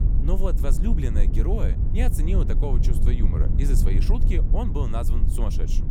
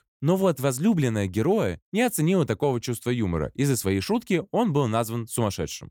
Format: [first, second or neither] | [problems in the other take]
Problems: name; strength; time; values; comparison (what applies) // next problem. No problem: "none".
second | low rumble; loud; throughout; 5 dB below the speech